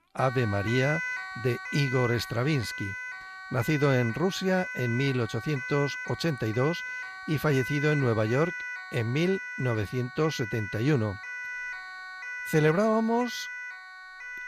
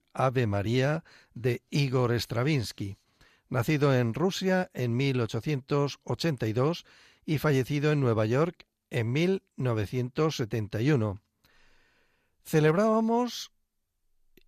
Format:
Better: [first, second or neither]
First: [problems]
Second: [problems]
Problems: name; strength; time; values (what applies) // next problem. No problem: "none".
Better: second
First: alarms or sirens; loud; throughout; 8 dB below the speech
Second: none